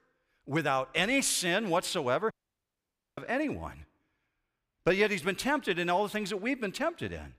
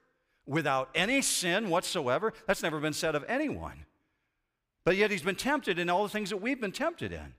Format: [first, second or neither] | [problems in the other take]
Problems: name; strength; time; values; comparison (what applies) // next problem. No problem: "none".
second | audio cutting out; at 2.5 s for 1 s